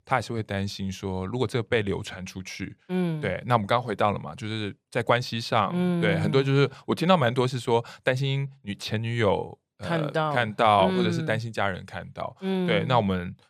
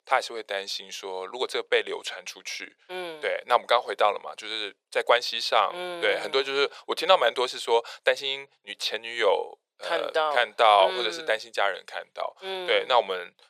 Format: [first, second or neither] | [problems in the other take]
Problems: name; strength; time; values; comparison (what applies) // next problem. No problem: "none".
first | thin; very; fading below 500 Hz